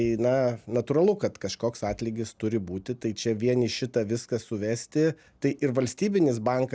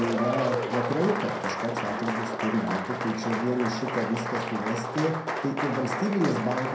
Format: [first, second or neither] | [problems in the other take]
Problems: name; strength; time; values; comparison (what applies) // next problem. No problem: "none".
first | background sound (Applause); 2 dB below the speech // room echo; dies away in 0.5 s